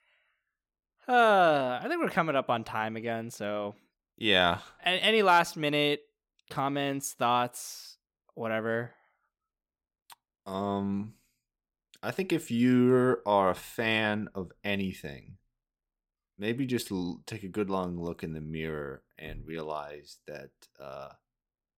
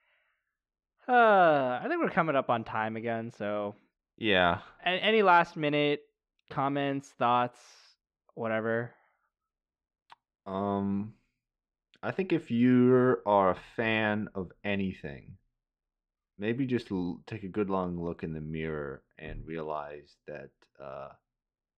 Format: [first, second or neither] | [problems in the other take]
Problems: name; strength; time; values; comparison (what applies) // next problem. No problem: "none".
first | muffled; slightly; fading above 2.5 kHz